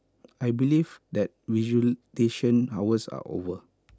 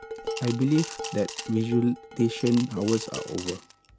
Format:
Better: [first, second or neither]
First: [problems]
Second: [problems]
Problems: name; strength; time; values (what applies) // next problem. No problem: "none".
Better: first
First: none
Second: background sound (Dishes, pots, and pans + Coin (dropping) / Glass); 11 dB below the speech